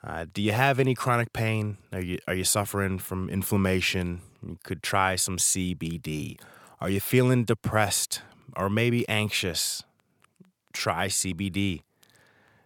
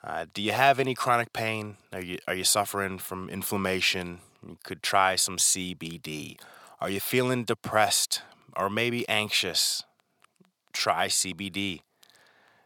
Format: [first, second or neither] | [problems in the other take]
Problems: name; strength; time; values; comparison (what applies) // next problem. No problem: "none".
first | thin; somewhat; fading below 350 Hz